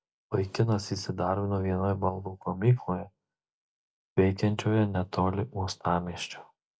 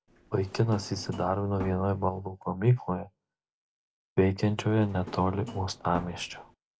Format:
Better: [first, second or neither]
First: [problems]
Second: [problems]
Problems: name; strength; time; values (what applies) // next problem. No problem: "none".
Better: first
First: none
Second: background sound (Drawer open or close); 16 dB below the speech